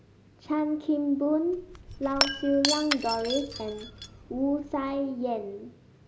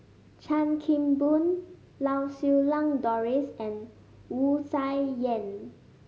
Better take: second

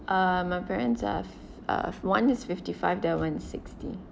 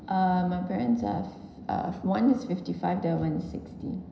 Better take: first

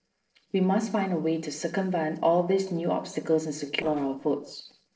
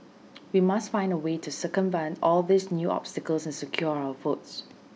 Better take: second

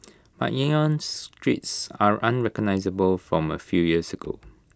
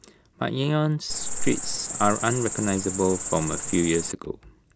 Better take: first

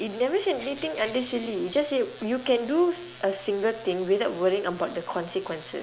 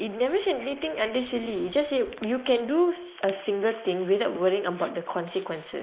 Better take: first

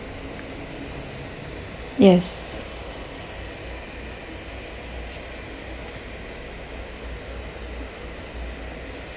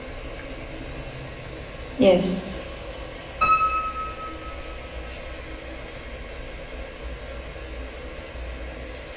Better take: first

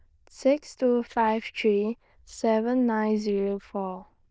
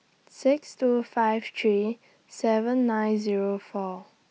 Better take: second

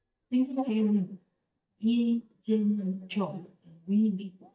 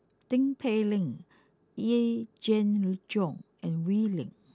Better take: second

